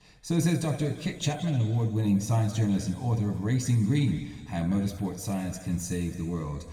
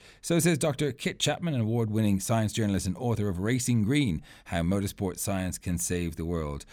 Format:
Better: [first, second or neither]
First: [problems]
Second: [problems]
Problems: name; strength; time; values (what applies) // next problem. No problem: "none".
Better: second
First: room echo; noticeable; dies away in 1.7 s // off-mic speech; somewhat distant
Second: none